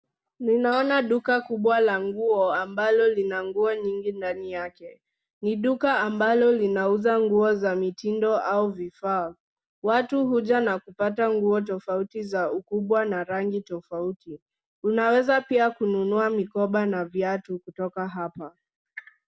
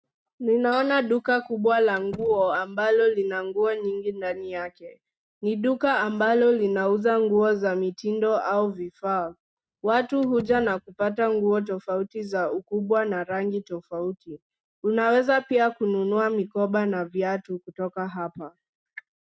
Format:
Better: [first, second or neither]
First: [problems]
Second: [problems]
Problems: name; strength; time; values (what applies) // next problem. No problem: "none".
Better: first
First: none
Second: noise reduction (neural mask model RNNoise)